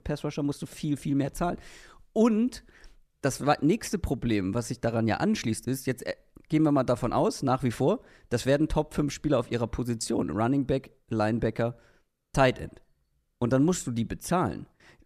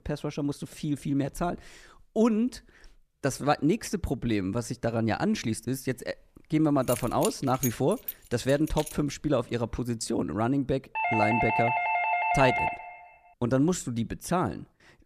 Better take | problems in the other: first | jangling keys; noticeable; from 7 to 9 s; peak 6 dB below the speech // doorbell; loud; from 11 to 13 s; peak 3 dB above the speech

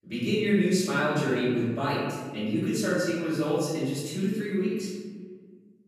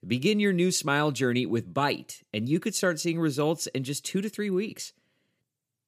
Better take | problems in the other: second | off-mic speech; far // room echo; strong; dies away in 1.5 s

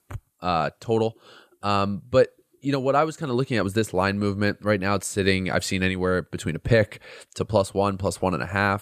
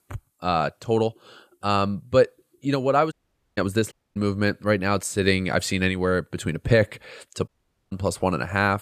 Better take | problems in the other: first | audio cutting out; at 3 s, at 4 s and at 7.5 s

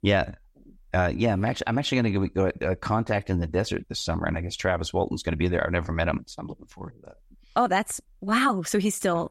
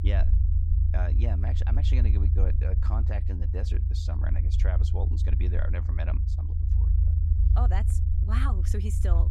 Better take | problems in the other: first | low rumble; loud; throughout; 3 dB below the speech

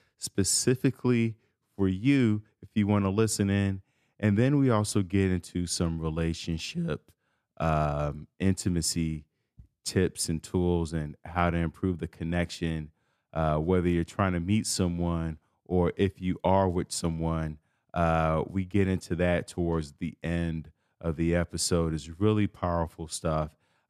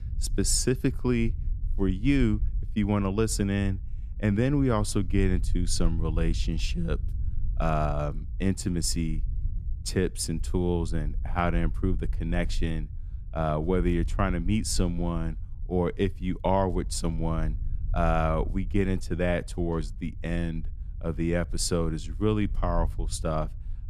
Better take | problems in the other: first | low rumble; faint; throughout; 25 dB below the speech

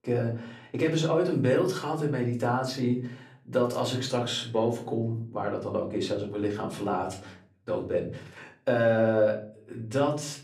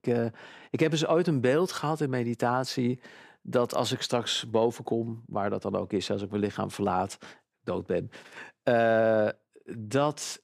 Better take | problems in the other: second | room echo; slight; dies away in 0.4 s // off-mic speech; somewhat distant

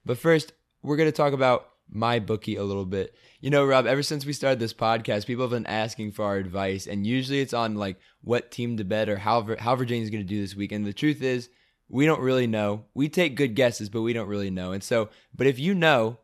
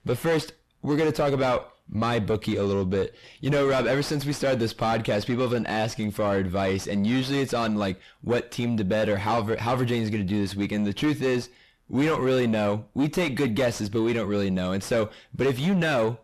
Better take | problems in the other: first | distortion; heavy; 5 dB below the speech

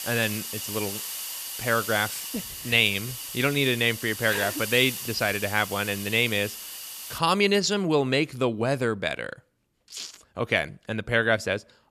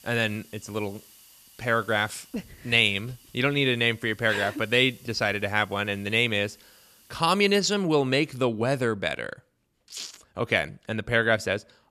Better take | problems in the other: second | hiss; loud; until 7 s; 8 dB below the speech; faint in the second

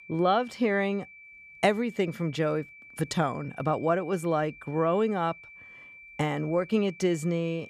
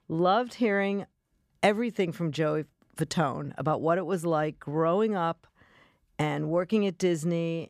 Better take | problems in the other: second | high-pitched whine; noticeable; throughout; 2.5 kHz, 20 dB below the speech

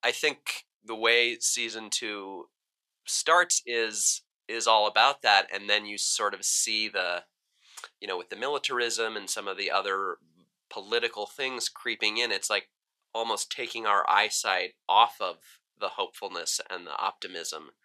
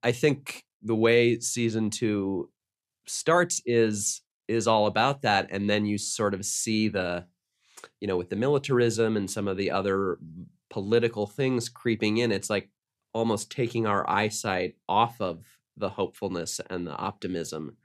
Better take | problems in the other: second | thin; very; fading below 850 Hz

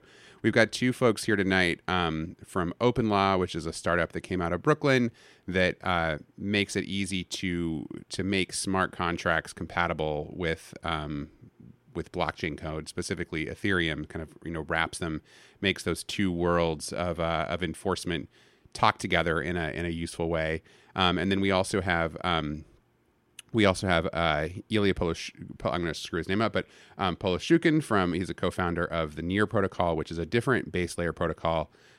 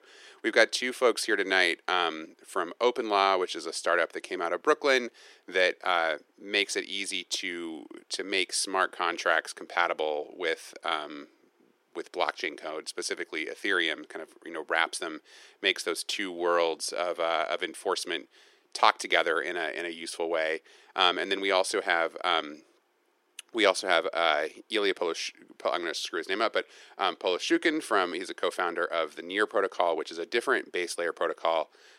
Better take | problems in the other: first | thin; very; fading below 350 Hz

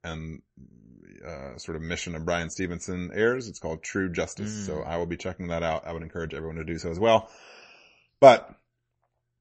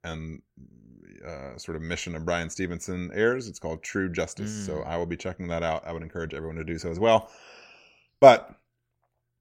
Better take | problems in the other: second | garbled, watery; slightly; nothing above 8 kHz

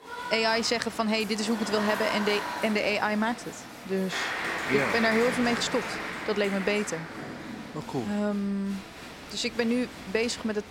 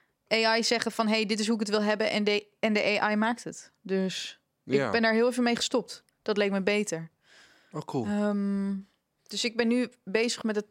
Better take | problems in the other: second | crowd noise; loud; throughout; 6 dB below the speech

